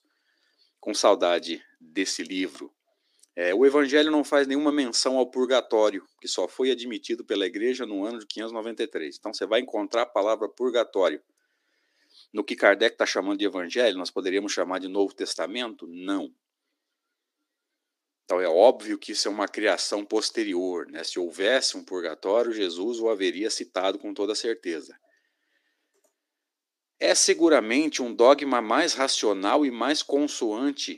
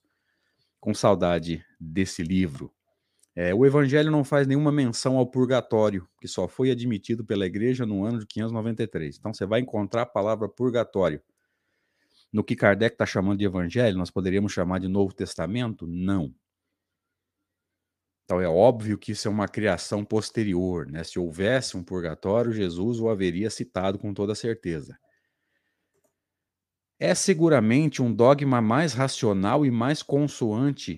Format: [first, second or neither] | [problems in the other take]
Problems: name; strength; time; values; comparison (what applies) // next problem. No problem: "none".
second | thin; somewhat; fading below 300 Hz